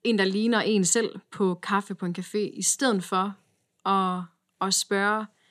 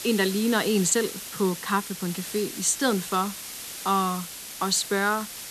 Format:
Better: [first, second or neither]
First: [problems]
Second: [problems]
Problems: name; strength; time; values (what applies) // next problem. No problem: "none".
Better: first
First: none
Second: hiss; loud; throughout; 9 dB below the speech